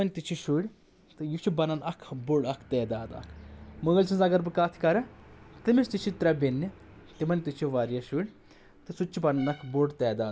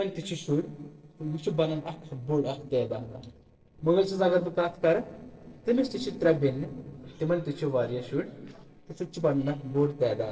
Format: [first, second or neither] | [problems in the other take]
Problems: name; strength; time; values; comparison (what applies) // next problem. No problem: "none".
first | noise reduction (neural separator model SepFormer DNS4)